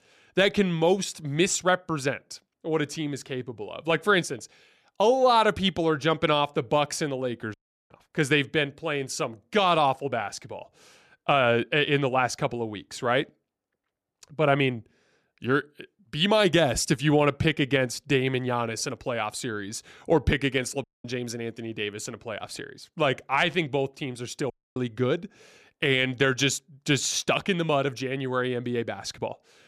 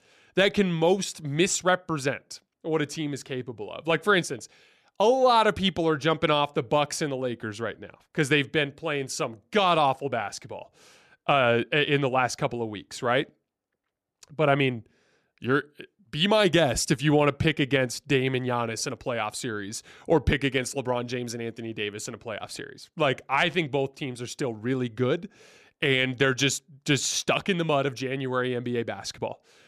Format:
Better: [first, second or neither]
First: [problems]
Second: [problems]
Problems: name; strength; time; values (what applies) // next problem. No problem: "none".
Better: second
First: audio cutting out; at 7.5 s, at 21 s and at 25 s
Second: none